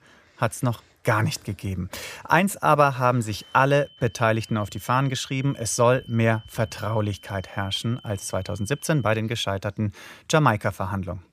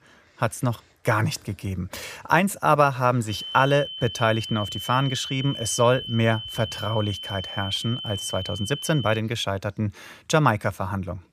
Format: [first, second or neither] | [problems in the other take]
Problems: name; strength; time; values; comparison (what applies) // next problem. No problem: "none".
first | high-pitched whine; loud; from 3.5 to 9 s; 3 kHz, 8 dB below the speech; faint in the first